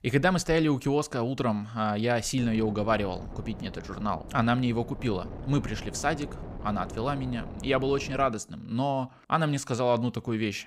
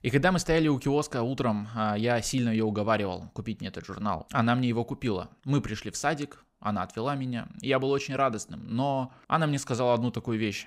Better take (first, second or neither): second